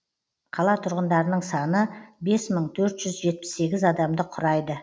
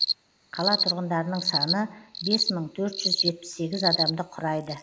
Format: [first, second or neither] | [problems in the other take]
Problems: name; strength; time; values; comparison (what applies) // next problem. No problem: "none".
first | noise reduction (neural mask model Resemble Enhance denoiser)